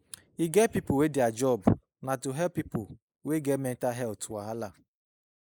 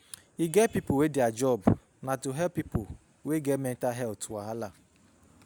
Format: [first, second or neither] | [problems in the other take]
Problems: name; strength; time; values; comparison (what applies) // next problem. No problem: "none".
second | noise reduction (neural mask model Resemble Enhance denoiser)